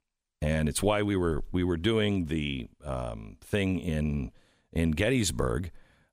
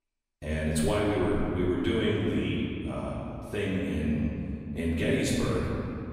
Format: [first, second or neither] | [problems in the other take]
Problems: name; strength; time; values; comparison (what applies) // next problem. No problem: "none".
first | off-mic speech; far // room echo; noticeable; dies away in 2.5 s